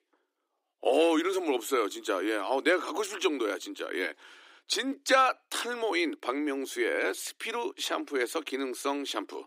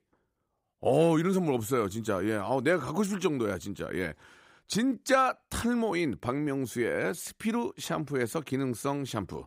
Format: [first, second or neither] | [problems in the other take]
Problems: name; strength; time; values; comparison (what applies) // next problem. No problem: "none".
second | thin; somewhat; fading below 300 Hz